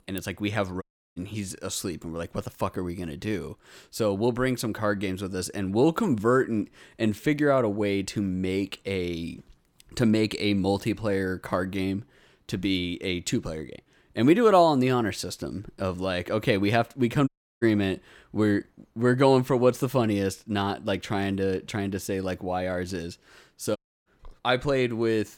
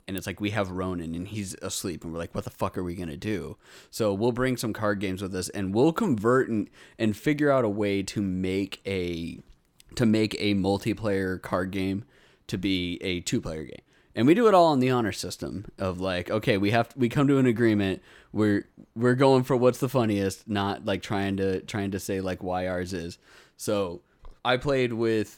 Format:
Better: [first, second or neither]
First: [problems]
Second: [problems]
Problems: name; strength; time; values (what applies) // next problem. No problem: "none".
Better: second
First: audio cutting out; at 1 s, at 17 s and at 24 s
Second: none